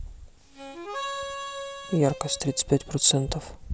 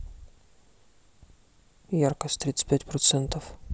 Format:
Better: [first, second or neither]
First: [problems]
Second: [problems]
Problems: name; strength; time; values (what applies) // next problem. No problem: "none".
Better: second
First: background sound (Harmonica); 10 dB below the speech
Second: none